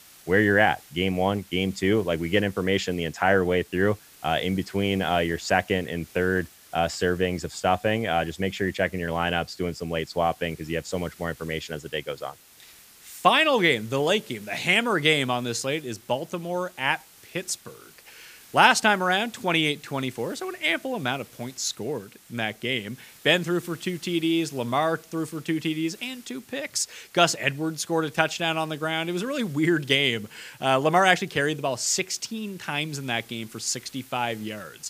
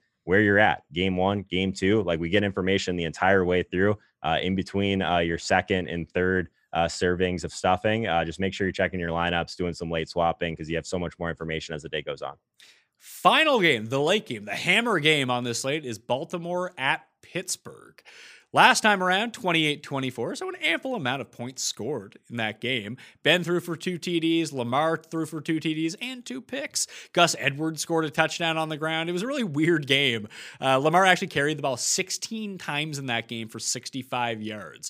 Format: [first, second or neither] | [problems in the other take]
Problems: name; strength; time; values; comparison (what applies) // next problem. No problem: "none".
second | hiss; faint; throughout; 25 dB below the speech